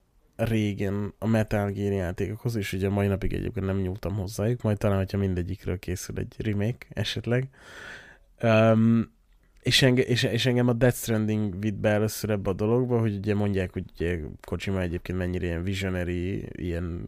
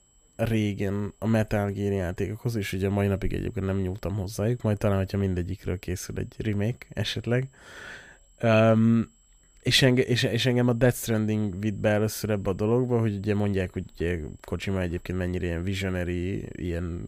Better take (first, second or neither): first